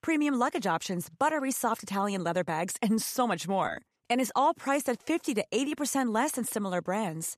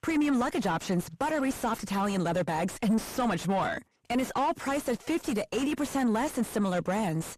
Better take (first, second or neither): first